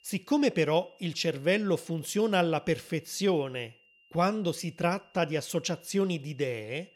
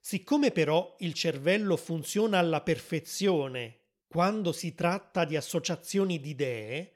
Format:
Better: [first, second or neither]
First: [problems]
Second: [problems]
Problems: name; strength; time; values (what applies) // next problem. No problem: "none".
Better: second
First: high-pitched whine; faint; throughout; 3 kHz, 30 dB below the speech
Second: none